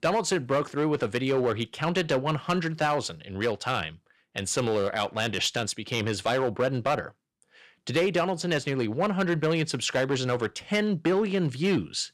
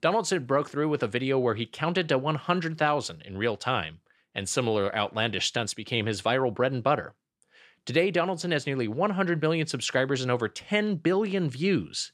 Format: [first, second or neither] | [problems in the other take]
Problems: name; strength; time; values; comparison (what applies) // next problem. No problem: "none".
second | distortion; slight; 5% of the sound clipped